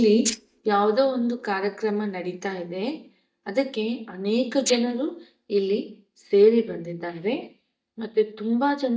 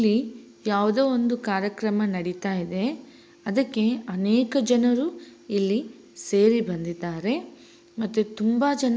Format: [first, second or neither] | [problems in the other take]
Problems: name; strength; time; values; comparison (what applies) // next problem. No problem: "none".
second | noise reduction (neural mask model DeepFilterNet 3)